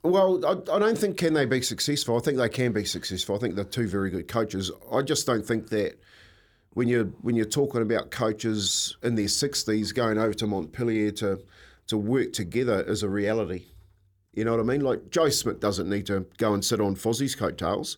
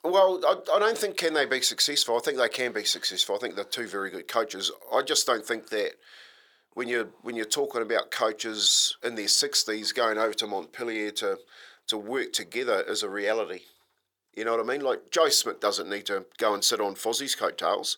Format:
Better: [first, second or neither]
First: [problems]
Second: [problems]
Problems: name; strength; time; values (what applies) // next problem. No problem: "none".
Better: first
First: none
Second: thin; very; fading below 650 Hz